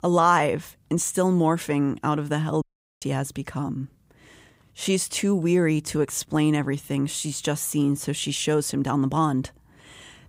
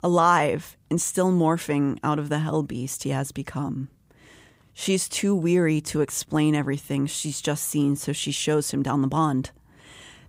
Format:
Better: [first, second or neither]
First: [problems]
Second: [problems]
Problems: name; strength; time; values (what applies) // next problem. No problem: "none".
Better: second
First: audio cutting out; at 2.5 s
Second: none